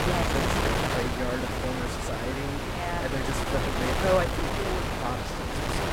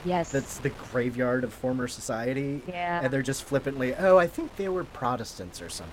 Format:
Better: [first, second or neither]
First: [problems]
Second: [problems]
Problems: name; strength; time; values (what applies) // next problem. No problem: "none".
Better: second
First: wind noise on the microphone; heavy; 3 dB above the speech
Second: wind noise on the microphone; occasional gusts; 20 dB below the speech